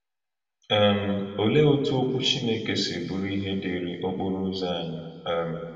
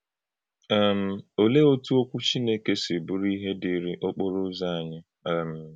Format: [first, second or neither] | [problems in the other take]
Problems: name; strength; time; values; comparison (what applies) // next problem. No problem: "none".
second | room echo; dies away in 1.8 s